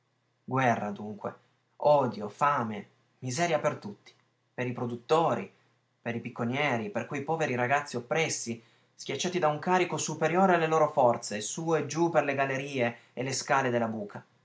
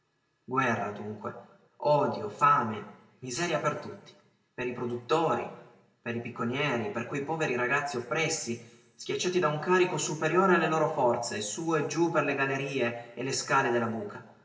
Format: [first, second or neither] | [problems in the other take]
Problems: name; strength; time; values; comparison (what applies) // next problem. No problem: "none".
first | room echo; dies away in 1 s